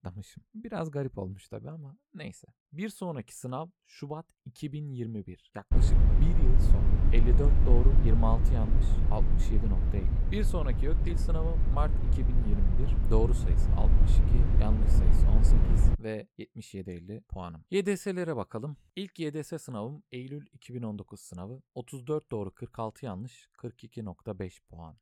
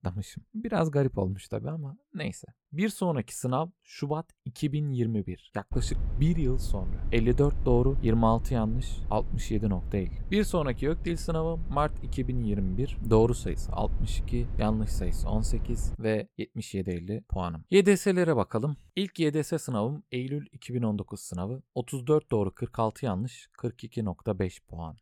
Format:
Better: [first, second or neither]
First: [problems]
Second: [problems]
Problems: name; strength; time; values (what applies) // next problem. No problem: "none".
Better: second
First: low rumble; loud; from 5.5 to 16 s; 3 dB below the speech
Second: low rumble; faint; from 5.5 to 16 s; 20 dB below the speech